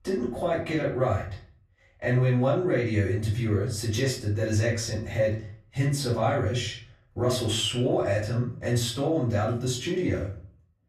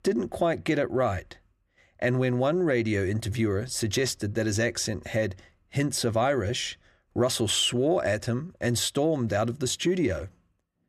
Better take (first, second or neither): second